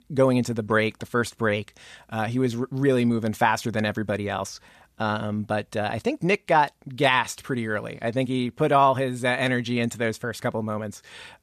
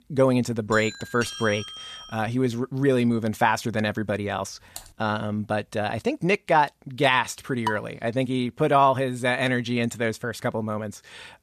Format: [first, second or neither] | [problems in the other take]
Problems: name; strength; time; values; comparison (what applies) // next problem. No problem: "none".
first | doorbell; noticeable; from 0.5 to 2.5 s; peak 9 dB below the speech // keyboard typing; faint; at 5 s; peak 15 dB below the speech // clattering dishes; noticeable; at 7.5 s; peak 8 dB below the speech